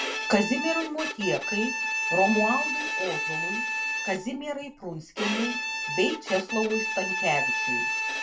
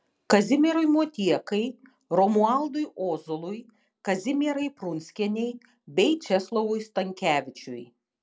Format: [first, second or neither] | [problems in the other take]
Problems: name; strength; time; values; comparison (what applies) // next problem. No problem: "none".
second | background sound (Bowed string instrument); as loud as the speech // room echo; dies away in 0.2 s